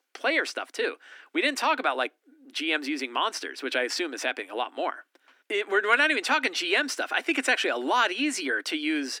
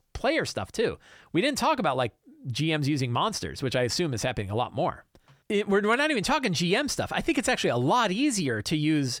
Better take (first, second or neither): second